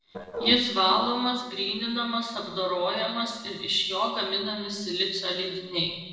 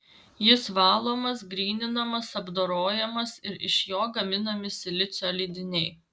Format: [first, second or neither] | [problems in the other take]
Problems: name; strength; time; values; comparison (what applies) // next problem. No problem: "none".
second | noise reduction (neural separator model SepFormer DNS4)